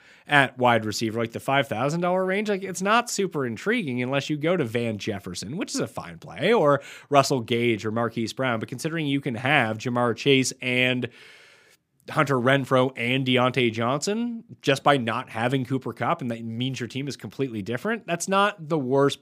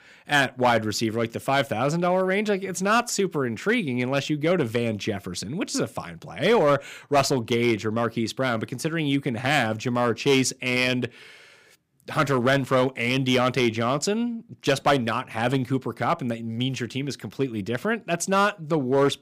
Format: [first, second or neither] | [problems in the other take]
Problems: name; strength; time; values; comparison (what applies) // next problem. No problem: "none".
first | distortion; slight; 2% of the sound clipped